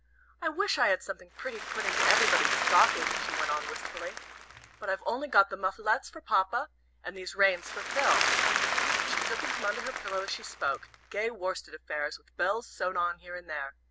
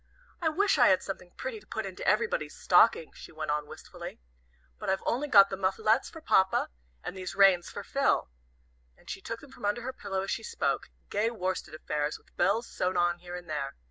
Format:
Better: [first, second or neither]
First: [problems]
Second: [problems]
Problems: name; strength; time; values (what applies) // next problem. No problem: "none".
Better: second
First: background sound (Applause / Crowd); as loud as the speech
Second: none